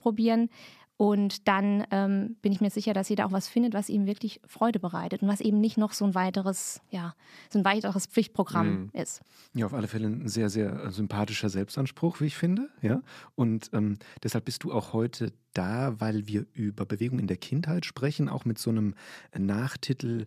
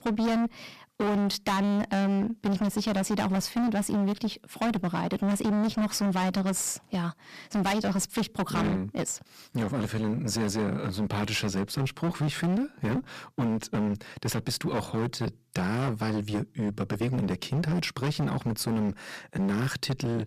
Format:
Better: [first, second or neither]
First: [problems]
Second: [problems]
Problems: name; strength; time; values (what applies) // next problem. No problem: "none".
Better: first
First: none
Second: distortion; heavy; 24% of the sound clipped